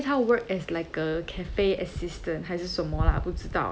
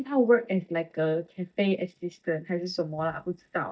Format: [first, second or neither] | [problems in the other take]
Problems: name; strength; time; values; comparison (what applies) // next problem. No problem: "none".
first | noise reduction (neural mask model DeepFilterNet 3)